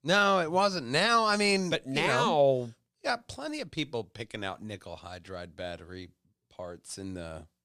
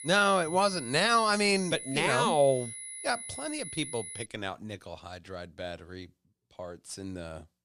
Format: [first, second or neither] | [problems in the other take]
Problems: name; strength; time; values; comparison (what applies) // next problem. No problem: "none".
first | high-pitched whine; noticeable; until 4.5 s; 10.5 kHz, 10 dB below the speech